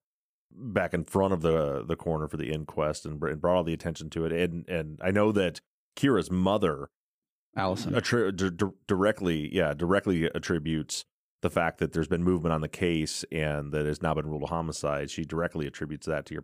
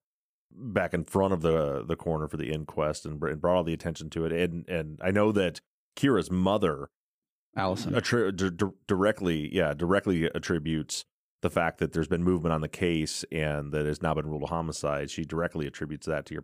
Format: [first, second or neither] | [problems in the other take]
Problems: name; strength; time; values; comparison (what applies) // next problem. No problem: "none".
neither | none